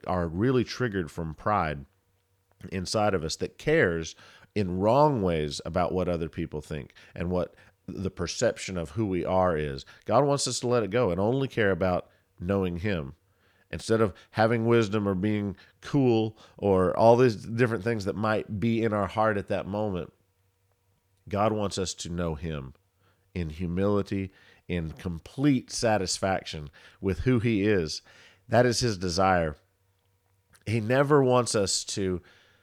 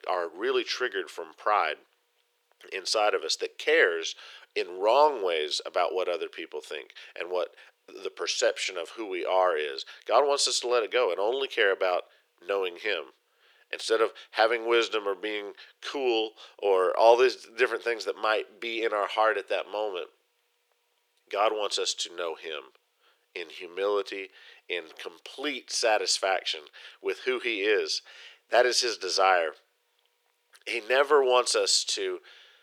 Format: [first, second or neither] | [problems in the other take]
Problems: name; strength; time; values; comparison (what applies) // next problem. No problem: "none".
first | thin; very; fading below 400 Hz